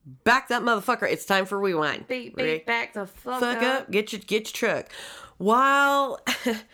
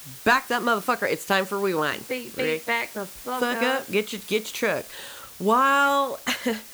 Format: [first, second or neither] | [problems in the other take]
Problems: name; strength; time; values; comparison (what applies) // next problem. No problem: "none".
first | hiss; noticeable; throughout; 15 dB below the speech